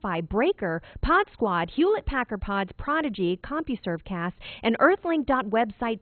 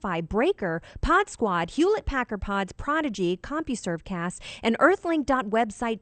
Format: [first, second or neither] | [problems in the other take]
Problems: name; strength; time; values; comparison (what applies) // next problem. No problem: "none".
second | garbled, watery; badly; nothing above 4 kHz; slightly in the second